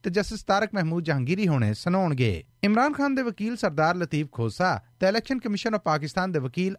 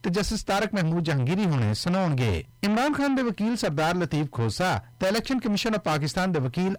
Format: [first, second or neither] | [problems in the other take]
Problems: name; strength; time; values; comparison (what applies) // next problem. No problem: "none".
first | distortion; heavy; 6 dB below the speech